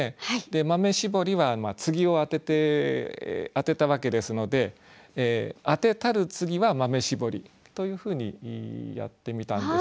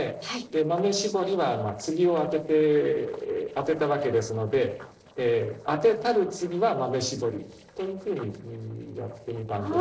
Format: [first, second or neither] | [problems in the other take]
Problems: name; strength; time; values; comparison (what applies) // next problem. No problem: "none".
first | noise reduction (neural separator model SepFormer DNS4)